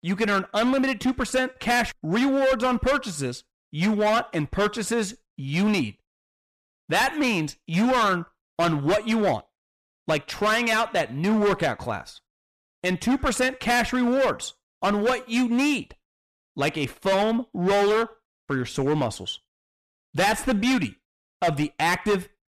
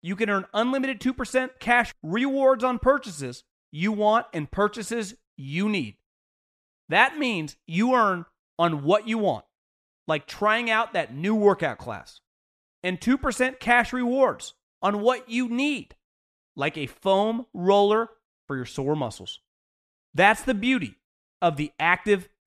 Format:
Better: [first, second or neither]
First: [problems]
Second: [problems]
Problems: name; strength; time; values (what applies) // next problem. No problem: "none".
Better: second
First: distortion; heavy; 13% of the sound clipped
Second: none